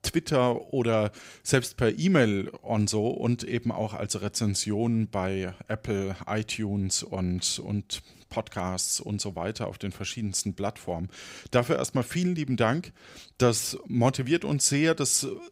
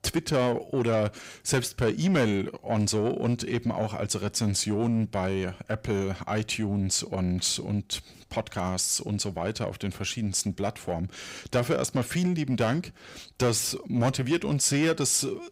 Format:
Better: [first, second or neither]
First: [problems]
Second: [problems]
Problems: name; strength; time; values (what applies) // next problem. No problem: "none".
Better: first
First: none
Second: distortion; slight; 10 dB below the speech